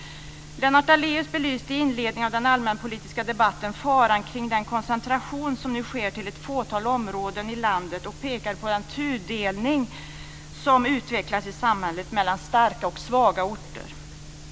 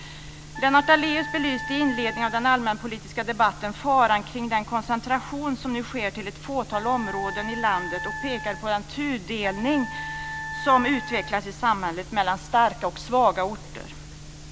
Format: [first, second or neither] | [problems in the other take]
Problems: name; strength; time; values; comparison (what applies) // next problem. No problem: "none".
first | background sound (Wind instrument, woodwind instrument); 10 dB below the speech